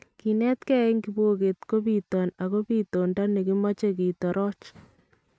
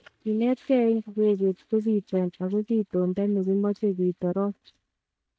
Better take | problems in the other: first | noise reduction (neural mask model DeepFilterNet 3)

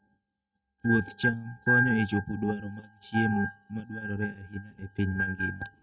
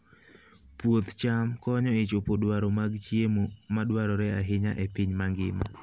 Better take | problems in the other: second | noise reduction (neural mask model RNNoise)

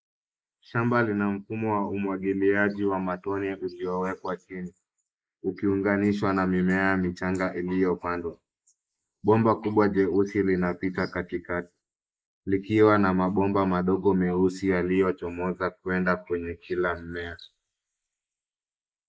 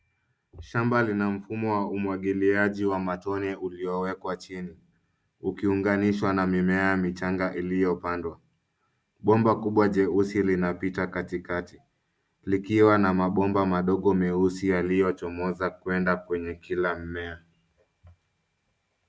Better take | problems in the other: second | noise reduction (neural mask model Resemble Enhance denoiser)

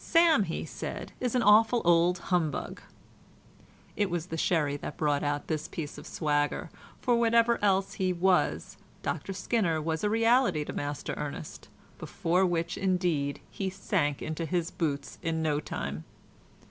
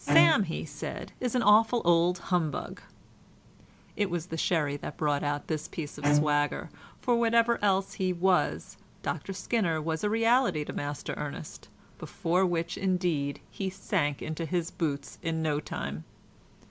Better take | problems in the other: first | background sound (Bowed string instrument); 3 dB below the speech

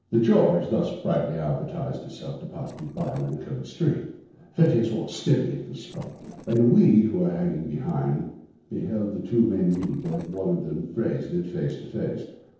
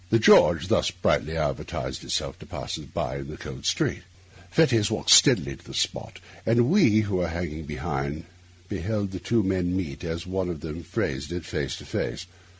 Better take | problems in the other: second | noise reduction (neural separator model SepFormer DNS4)

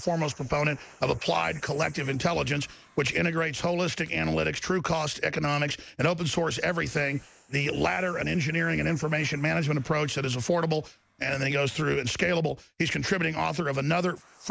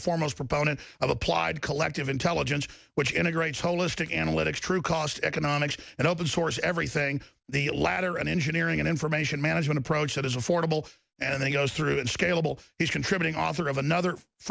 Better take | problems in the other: second | noise reduction (neural mask model Resemble Enhance denoiser)

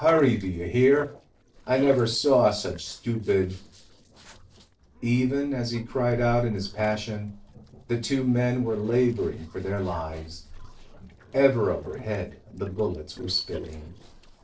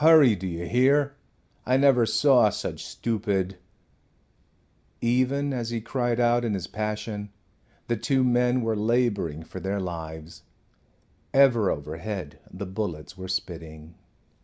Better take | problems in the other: second | noise reduction (neural separator model SepFormer DNS4)

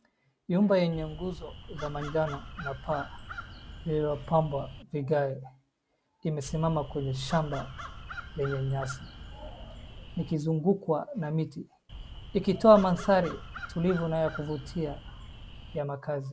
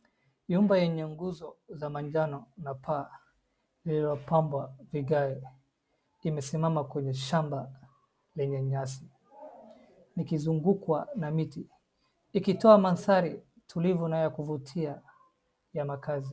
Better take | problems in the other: second | background sound (Crow); 12 dB below the speech

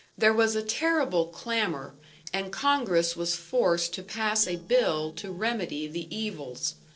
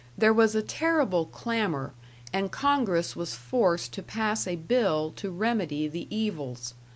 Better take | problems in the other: second | noise reduction (neural separator model SepFormer DNS4)

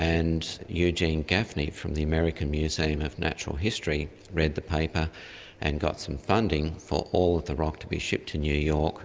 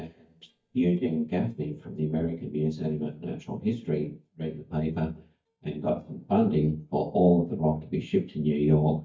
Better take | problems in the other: first | noise reduction (neural mask model DeepFilterNet 3)

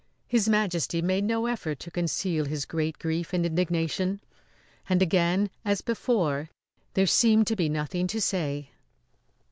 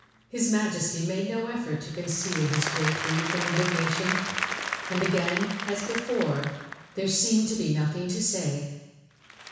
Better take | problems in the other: first | background sound (Applause); 6 dB below the speech // room echo; dies away in 1.1 s

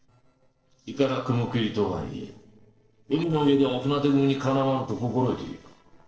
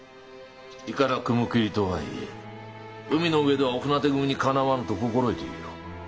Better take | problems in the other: second | noise reduction (neural separator model SepFormer DNS4)

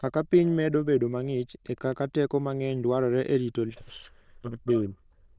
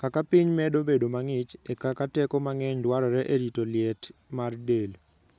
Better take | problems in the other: second | noise reduction (neural diffusion model UNIVERSE++)

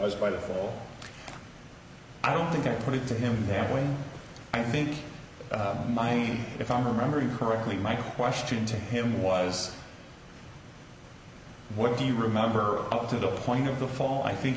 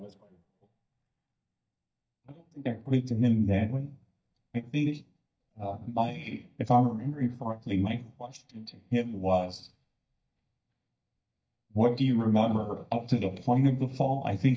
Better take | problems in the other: first | noise reduction (neural mask model DeepFilterNet 3)

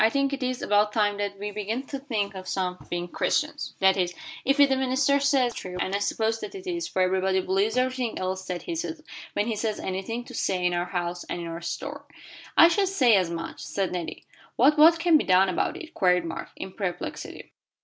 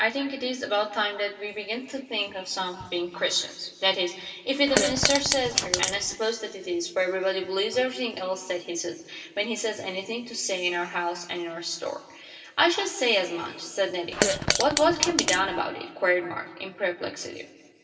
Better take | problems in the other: first | background sound (Fart); 1 dB above the speech // room echo; dies away in 1.8 s

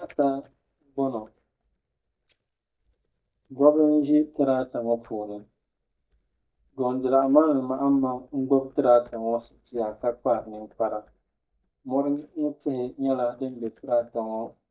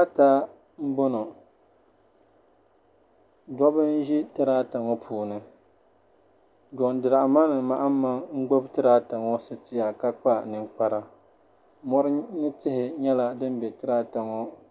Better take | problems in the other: second | noise reduction (neural mask model DeepFilterNet 3)

